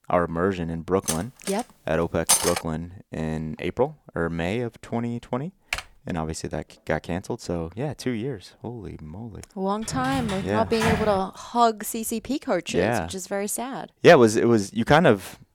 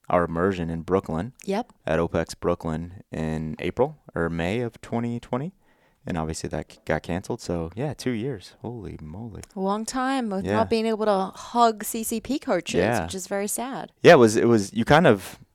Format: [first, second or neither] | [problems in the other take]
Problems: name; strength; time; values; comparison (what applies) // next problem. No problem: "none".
second | clattering dishes; loud; from 1 to 2.5 s; peak 5 dB above the speech // keyboard typing; noticeable; at 5.5 s; peak 7 dB below the speech // door banging; noticeable; from 10 to 11 s; peak 1 dB below the speech